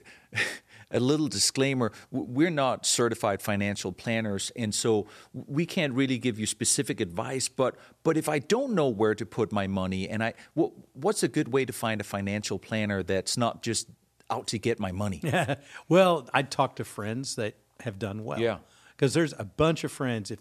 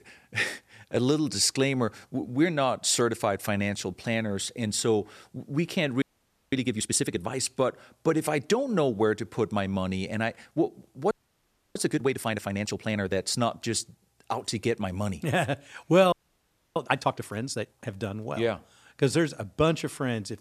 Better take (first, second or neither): first